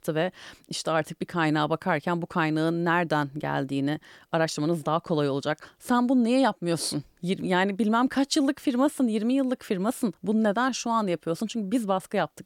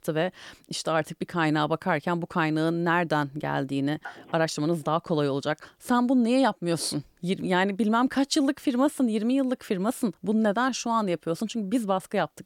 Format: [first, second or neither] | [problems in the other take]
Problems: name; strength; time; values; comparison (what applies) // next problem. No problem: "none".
first | phone ringing; faint; at 4 s; peak 15 dB below the speech